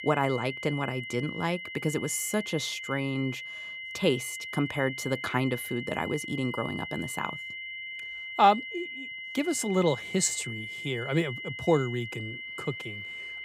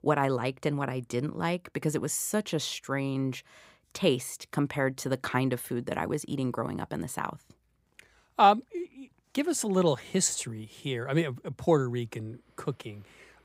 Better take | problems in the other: second | high-pitched whine; loud; throughout; 2 kHz, 7 dB below the speech

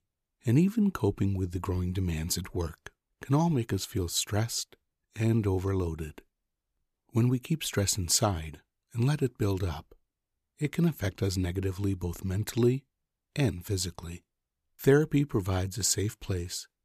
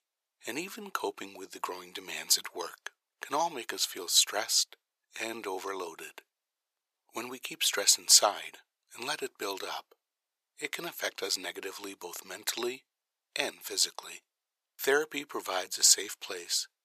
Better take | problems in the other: first | thin; very; fading below 600 Hz

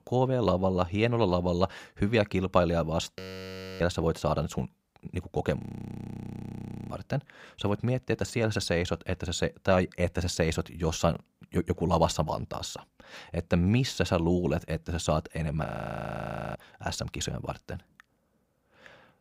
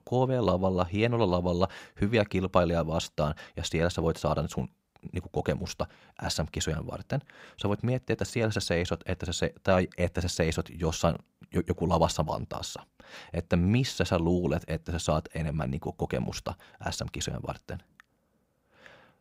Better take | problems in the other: second | audio freezing; at 3 s for 0.5 s, at 5.5 s for 1.5 s and at 16 s for 1 s

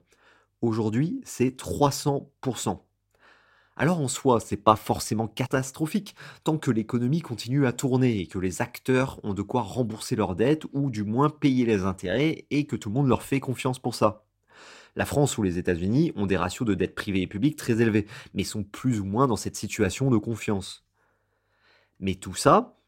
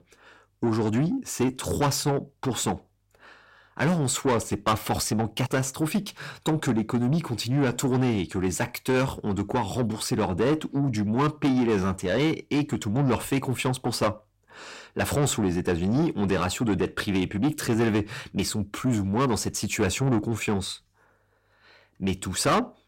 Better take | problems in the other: first | distortion; heavy; 7 dB below the speech

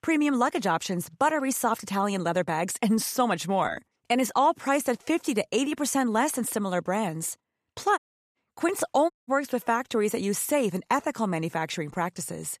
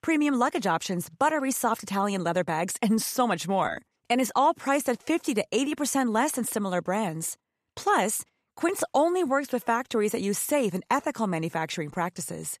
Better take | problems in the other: second | audio cutting out; at 8 s and at 9 s

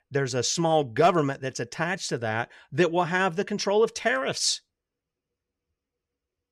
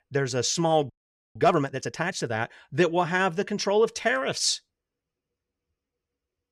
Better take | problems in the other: first | audio freezing; at 1 s

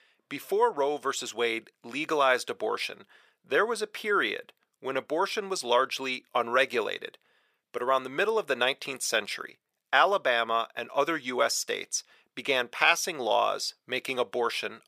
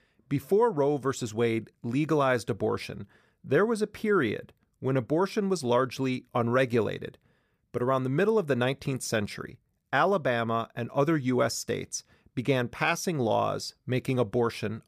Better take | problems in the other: second | thin; very; fading below 600 Hz

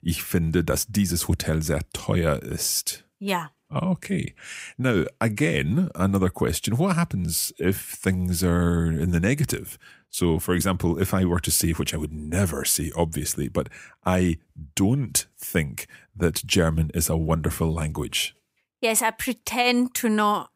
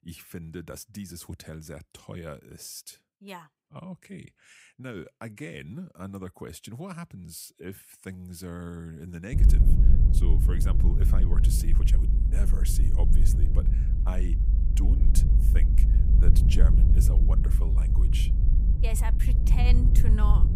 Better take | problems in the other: first | low rumble; loud; from 9.5 s on; as loud as the speech

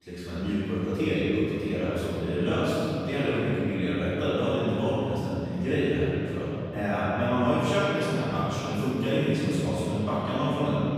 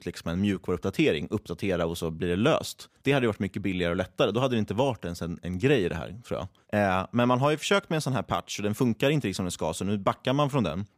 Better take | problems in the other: second | off-mic speech; far // room echo; strong; dies away in 3 s

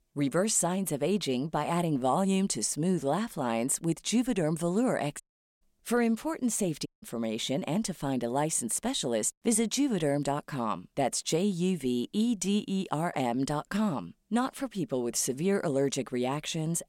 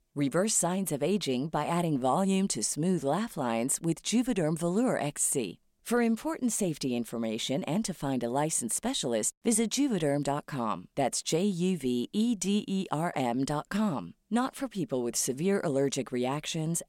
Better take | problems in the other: second | audio cutting out; at 5 s and at 7 s

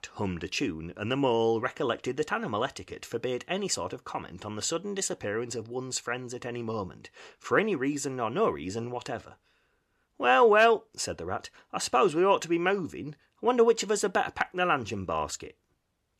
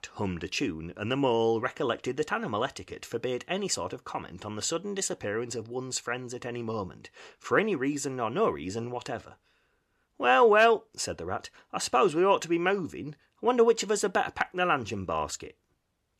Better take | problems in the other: neither | none

